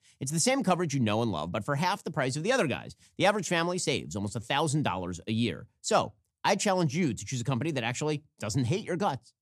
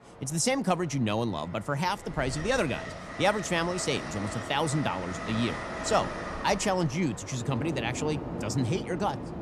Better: first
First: none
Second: train or aircraft noise; loud; throughout; 8 dB below the speech

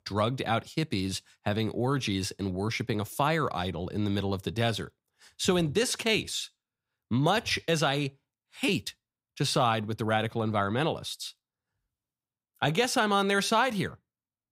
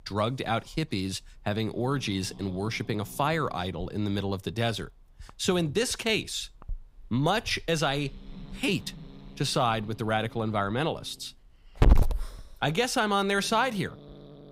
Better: first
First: none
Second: hiss; loud; throughout; 5 dB below the speech

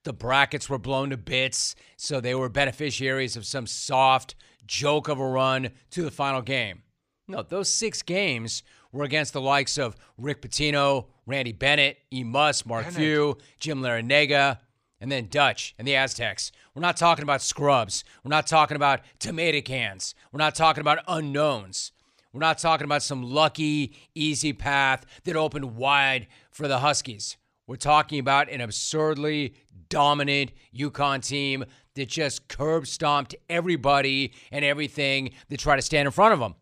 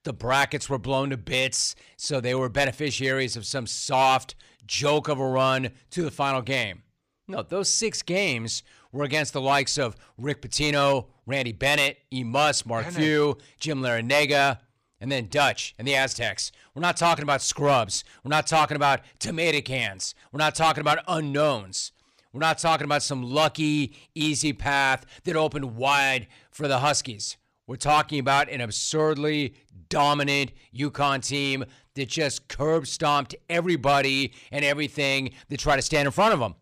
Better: first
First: none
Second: distortion; slight; 3% of the sound clipped

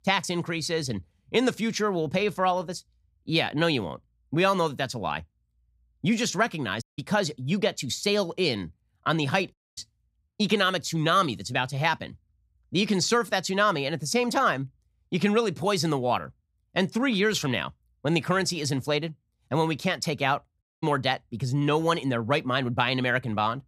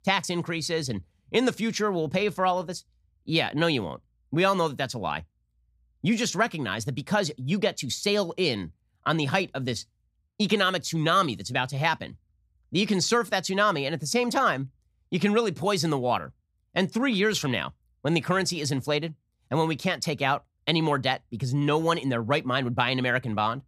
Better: second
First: audio cutting out; at 7 s, at 9.5 s and at 21 s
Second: none

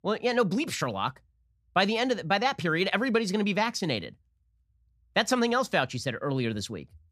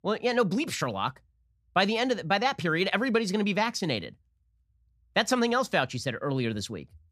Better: neither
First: none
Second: none

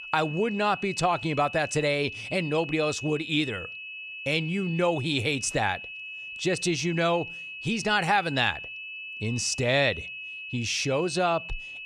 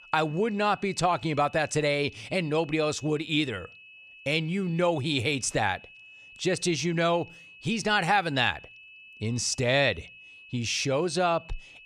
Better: second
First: high-pitched whine; loud; throughout; 2.5 kHz, 10 dB below the speech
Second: high-pitched whine; faint; throughout; 2.5 kHz, 20 dB below the speech

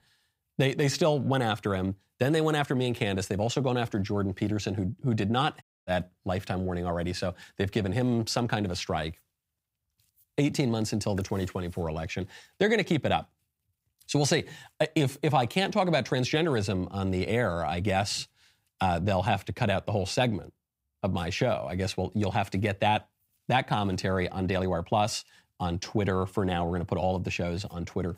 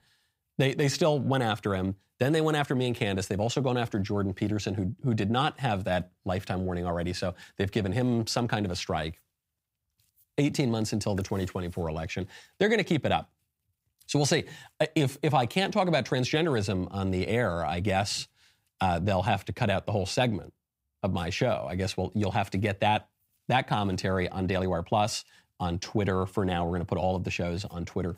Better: second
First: audio cutting out; at 5.5 s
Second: none

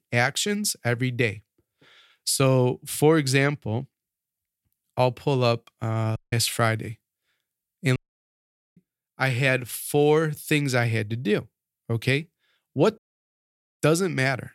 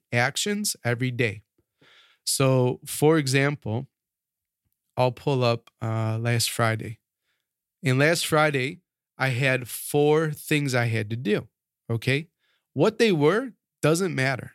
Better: second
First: audio cutting out; at 6 s, at 8 s for 1 s and at 13 s for 1 s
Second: none

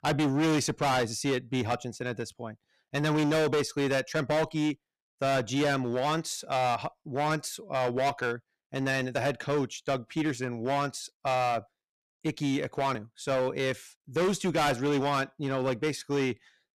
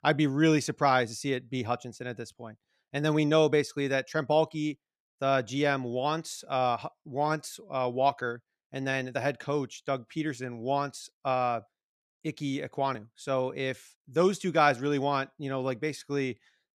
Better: second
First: distortion; heavy; 14% of the sound clipped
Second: none

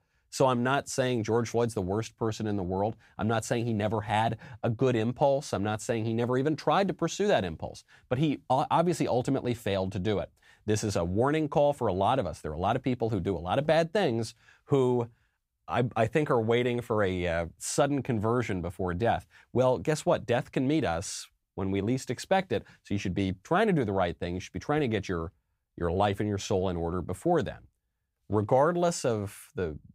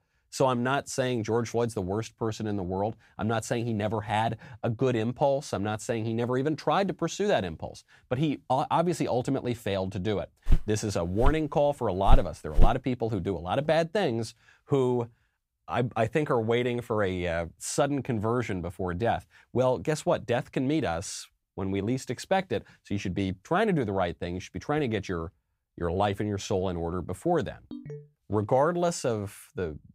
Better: first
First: none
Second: footsteps; noticeable; from 10 to 13 s; peak level with the speech // phone ringing; faint; at 28 s; peak 15 dB below the speech

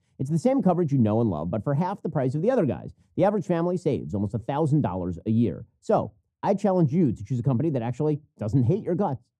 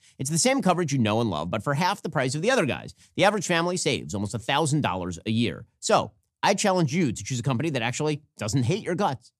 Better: second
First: muffled; very; fading above 1 kHz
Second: none

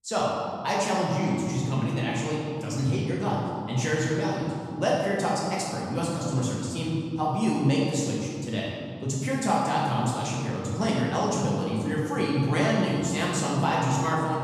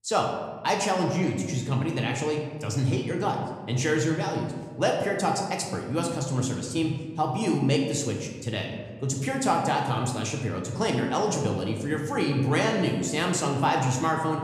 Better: second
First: room echo; strong; dies away in 2.2 s // off-mic speech; far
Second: room echo; slight; dies away in 1.2 s

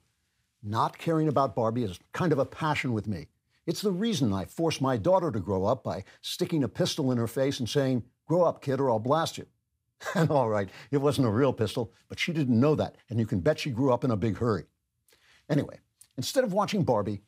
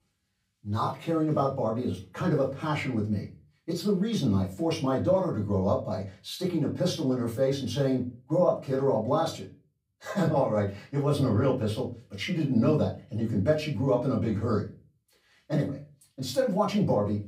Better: first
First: none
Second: off-mic speech; far // room echo; very slight; dies away in 0.3 s

